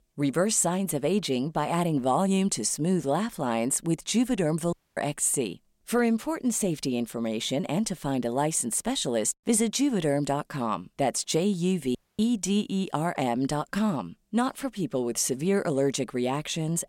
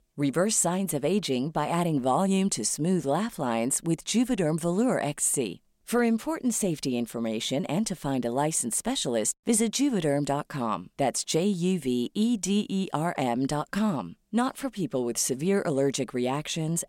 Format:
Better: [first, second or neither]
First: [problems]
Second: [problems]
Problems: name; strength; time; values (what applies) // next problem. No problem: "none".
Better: second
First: audio cutting out; at 4.5 s and at 12 s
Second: none